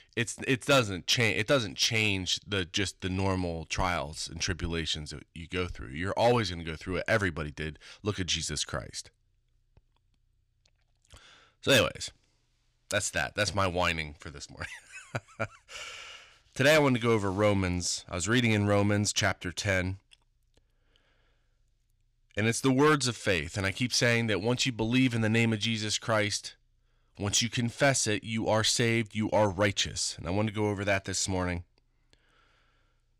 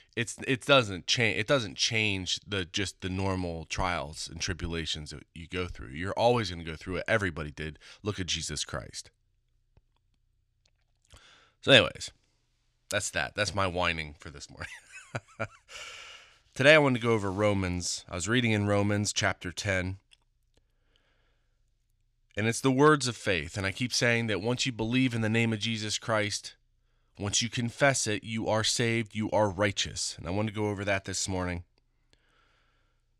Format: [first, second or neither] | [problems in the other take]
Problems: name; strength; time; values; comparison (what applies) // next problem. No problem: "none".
second | distortion; slight; 1.5% of the sound clipped